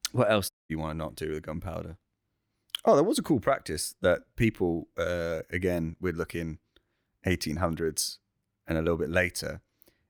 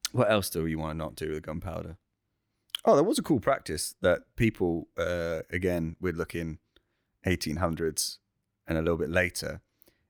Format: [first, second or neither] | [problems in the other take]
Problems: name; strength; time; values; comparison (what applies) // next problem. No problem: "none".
second | audio cutting out; at 0.5 s